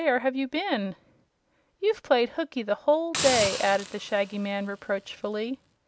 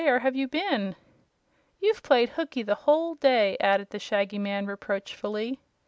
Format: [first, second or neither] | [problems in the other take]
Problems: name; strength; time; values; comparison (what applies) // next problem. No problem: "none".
second | background sound (Hiss); 7 dB below the speech